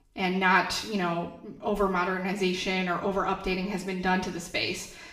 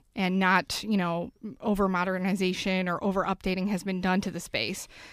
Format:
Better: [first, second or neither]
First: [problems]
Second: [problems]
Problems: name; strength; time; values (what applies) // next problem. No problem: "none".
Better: second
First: room echo; slight; dies away in 0.7 s // off-mic speech; far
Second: none